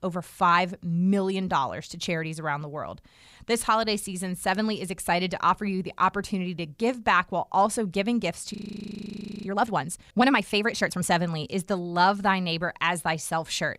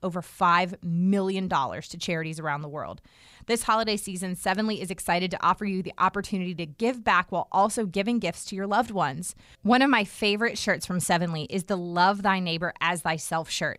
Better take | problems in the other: second | audio freezing; at 8.5 s for 1 s

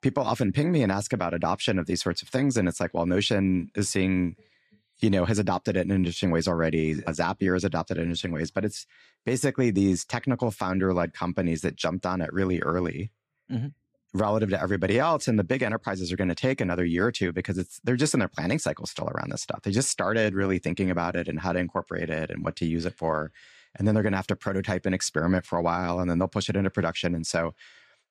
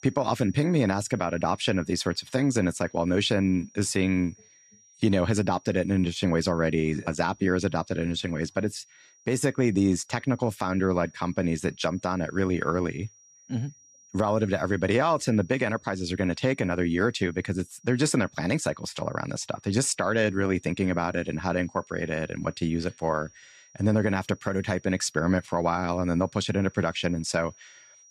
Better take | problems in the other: first | high-pitched whine; faint; throughout; 5.5 kHz, 30 dB below the speech

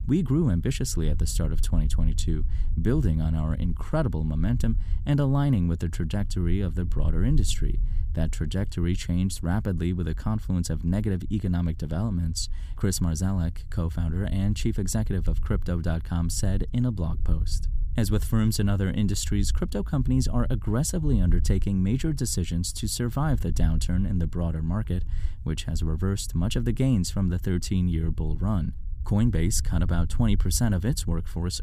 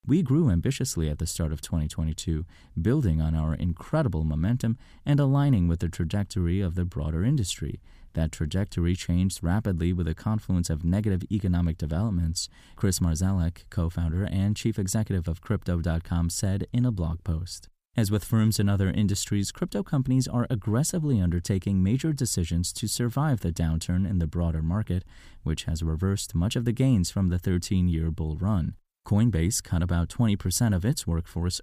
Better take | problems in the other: second | low rumble; noticeable; throughout; 20 dB below the speech

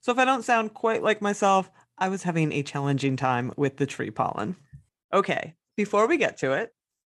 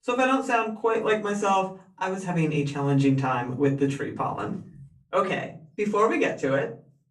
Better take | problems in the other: first | off-mic speech; far // room echo; very slight; dies away in 0.4 s

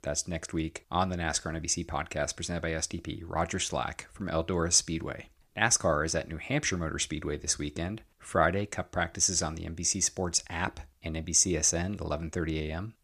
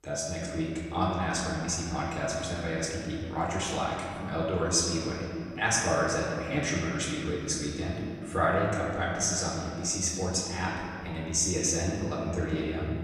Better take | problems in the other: first | room echo; noticeable; dies away in 2.6 s // off-mic speech; far

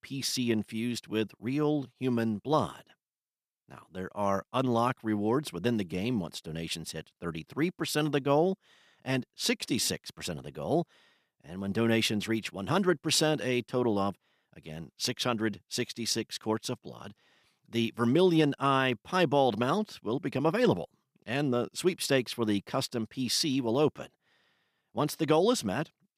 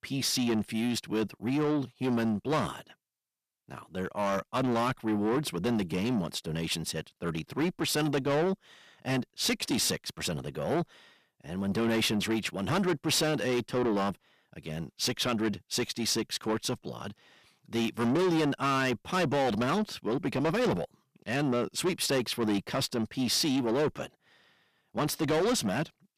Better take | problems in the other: first | distortion; heavy; 7 dB below the speech

